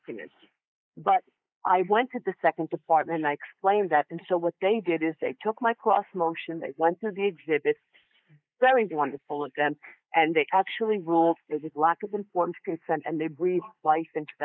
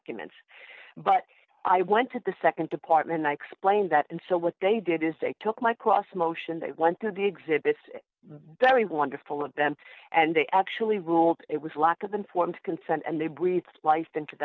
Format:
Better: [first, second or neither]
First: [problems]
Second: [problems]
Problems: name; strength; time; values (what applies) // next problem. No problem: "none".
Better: second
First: noise reduction (neural mask model Resemble Enhance denoiser)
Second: none